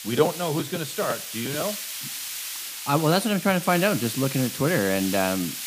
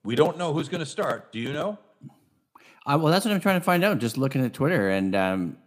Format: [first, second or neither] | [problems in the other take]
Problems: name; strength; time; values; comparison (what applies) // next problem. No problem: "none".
second | hiss; loud; throughout; 7 dB below the speech